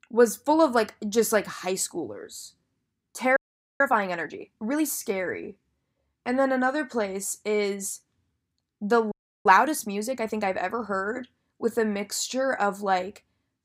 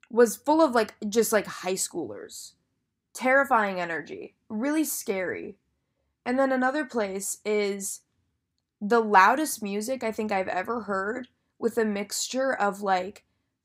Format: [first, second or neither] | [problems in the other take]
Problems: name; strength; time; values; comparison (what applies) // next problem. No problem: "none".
second | audio freezing; at 3.5 s and at 9 s